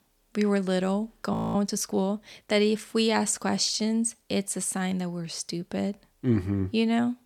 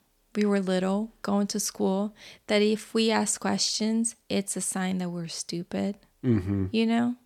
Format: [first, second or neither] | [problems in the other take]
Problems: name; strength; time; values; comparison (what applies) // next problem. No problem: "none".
second | audio freezing; at 1.5 s